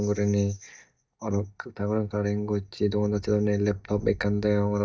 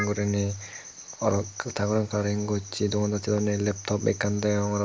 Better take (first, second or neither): second